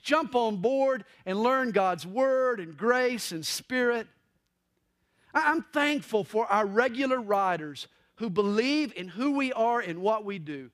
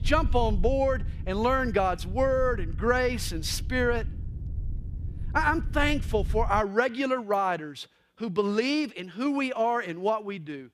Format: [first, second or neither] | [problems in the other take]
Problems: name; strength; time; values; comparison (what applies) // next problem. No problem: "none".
first | low rumble; faint; until 6.5 s; 25 dB below the speech